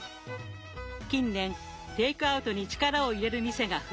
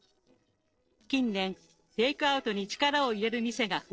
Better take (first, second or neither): first